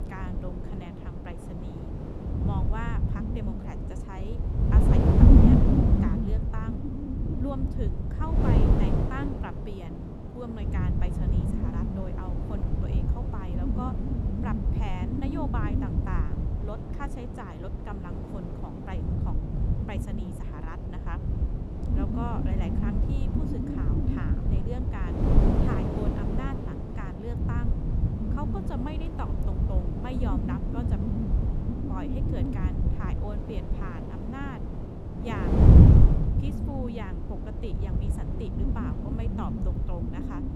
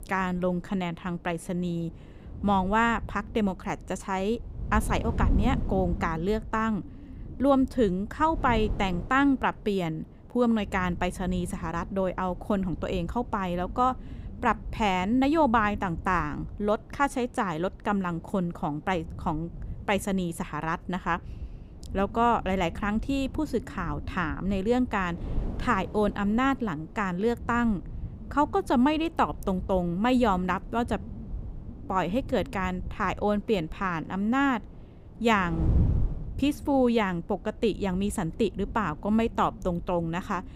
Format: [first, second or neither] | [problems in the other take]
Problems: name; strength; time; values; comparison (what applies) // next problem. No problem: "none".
second | wind noise on the microphone; heavy; 4 dB above the speech; occasional gusts in the second